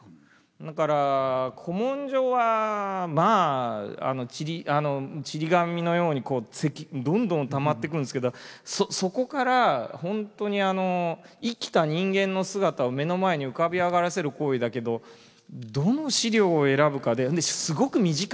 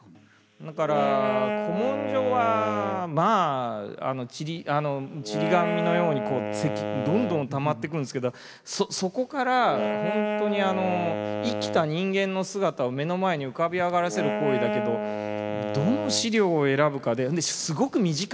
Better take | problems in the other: first | background sound (Wind instrument, woodwind instrument); 5 dB below the speech

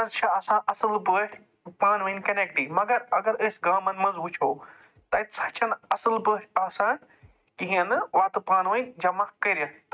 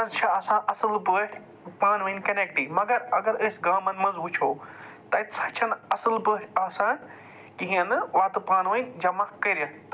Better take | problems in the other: second | noise reduction (neural mask model RNNoise)

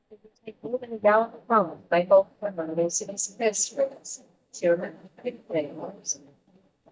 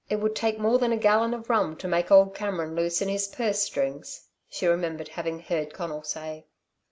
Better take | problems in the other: second | noise reduction (neural mask model DeepFilterNet 3)

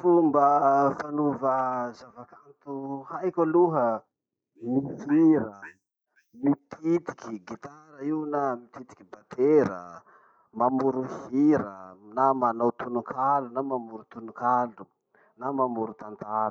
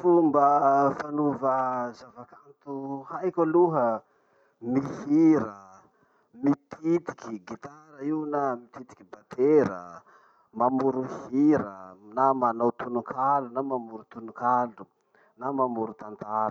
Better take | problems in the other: second | noise reduction (neural mask model Resemble Enhance denoiser)

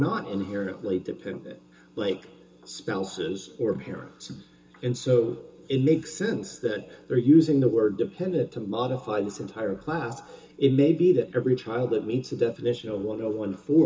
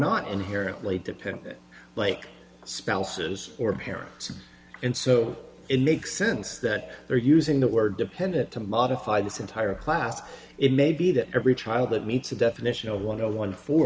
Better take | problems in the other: second | room echo; dies away in 0.2 s

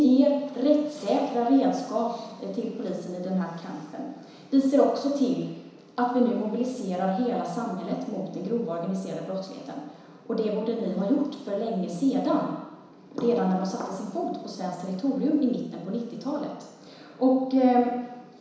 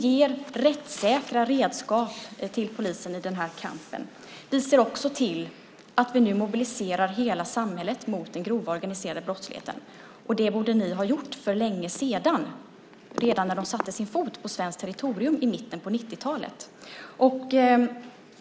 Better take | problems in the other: second | room echo; dies away in 1 s

